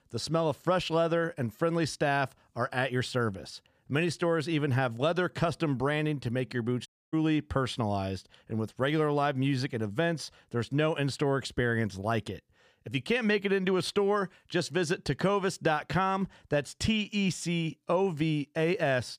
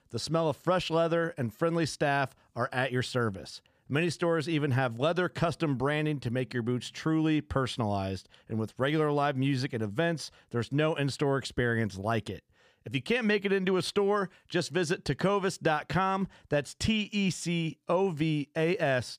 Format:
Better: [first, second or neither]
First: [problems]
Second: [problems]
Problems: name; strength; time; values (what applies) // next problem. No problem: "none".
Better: second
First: audio cutting out; at 7 s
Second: none